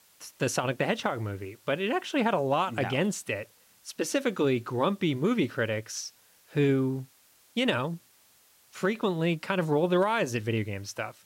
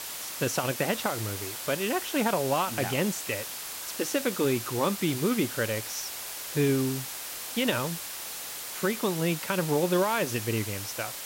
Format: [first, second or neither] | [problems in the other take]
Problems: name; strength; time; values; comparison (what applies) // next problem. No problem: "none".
first | hiss; loud; throughout; 5 dB below the speech; faint in the first